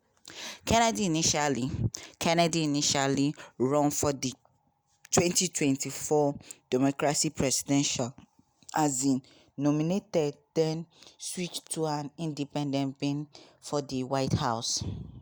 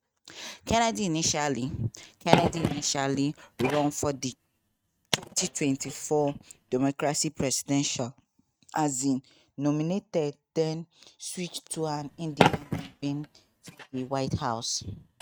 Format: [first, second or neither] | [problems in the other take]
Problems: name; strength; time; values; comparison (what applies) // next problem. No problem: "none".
first | noise reduction (neural mask model RNNoise)